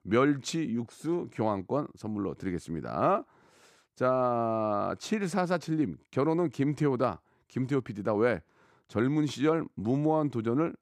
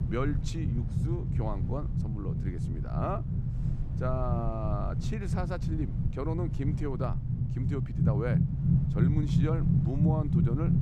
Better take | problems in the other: first | low rumble; loud; throughout; 2 dB below the speech

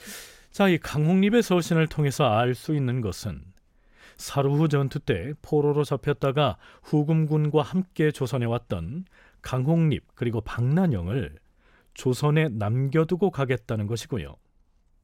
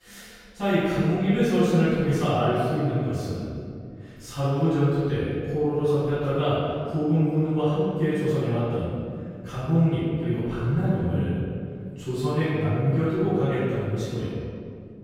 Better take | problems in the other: first | off-mic speech; far // room echo; strong; dies away in 2.2 s

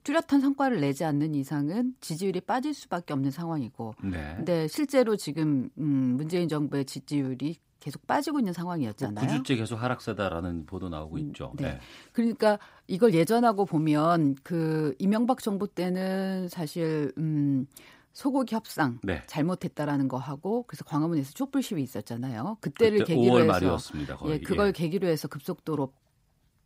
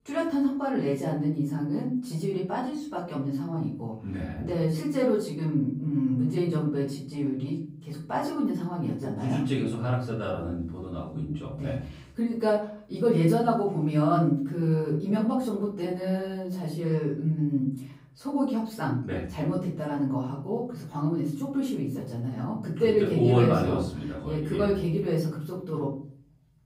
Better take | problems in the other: first | room echo; noticeable; dies away in 0.7 s // off-mic speech; far

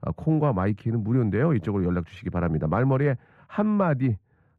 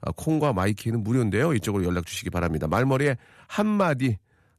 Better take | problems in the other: second | muffled; very; fading above 3.5 kHz

